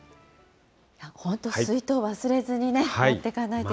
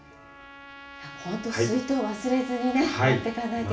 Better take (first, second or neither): first